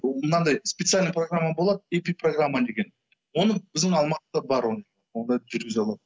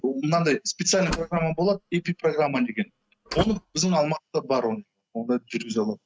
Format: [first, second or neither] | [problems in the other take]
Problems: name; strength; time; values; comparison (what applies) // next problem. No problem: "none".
first | noise reduction (neural mask model RNNoise)